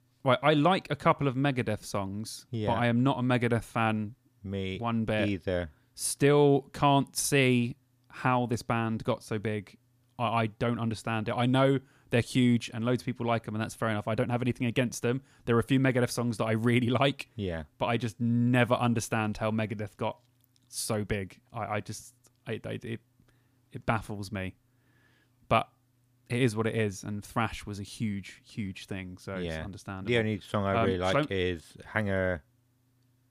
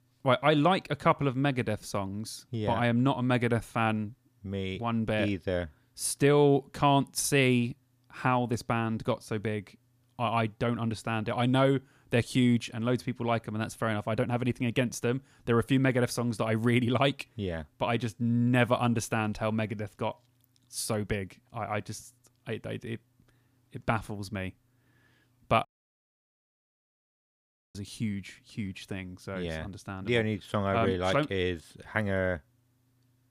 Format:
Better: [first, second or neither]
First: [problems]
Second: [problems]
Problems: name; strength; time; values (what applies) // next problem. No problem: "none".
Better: first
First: none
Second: audio cutting out; at 26 s for 2 s